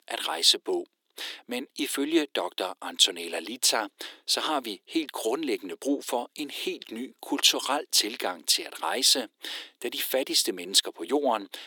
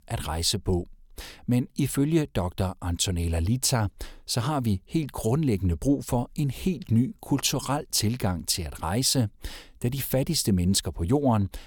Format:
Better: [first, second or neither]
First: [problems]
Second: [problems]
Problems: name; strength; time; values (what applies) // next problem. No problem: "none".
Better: second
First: thin; somewhat; fading below 300 Hz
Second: none